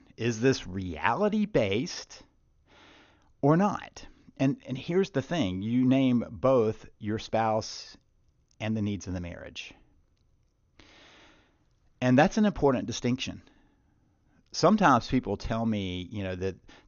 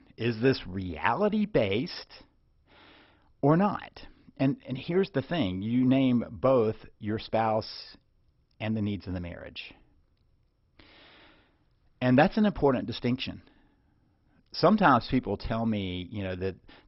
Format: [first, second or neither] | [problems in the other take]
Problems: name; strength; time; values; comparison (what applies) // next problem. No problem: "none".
first | garbled, watery; badly; nothing above 5.5 kHz; slightly in the first